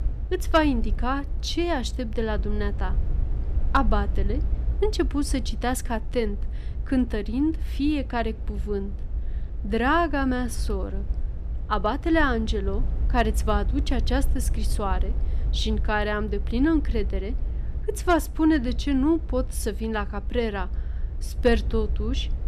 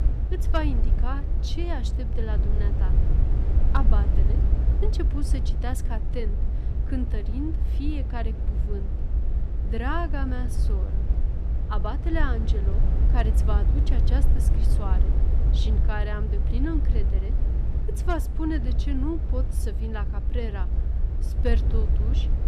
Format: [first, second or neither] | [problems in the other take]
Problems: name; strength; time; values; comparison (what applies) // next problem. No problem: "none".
first | low rumble; loud; throughout; 6 dB below the speech; faint in the first